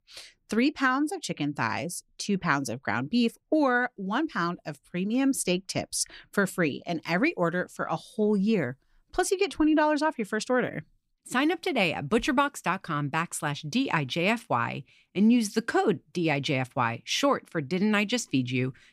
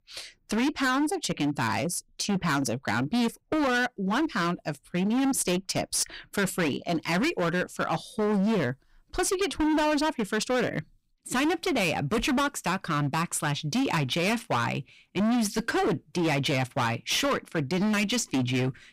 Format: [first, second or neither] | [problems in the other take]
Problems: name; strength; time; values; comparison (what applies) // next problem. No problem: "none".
first | distortion; heavy; 21% of the sound clipped